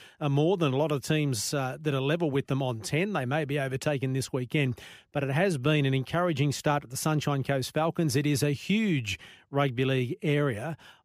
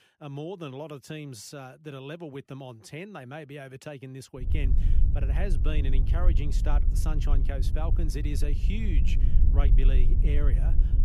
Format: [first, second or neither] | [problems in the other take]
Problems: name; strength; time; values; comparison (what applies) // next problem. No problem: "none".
first | low rumble; loud; from 4.5 s on; 6 dB below the speech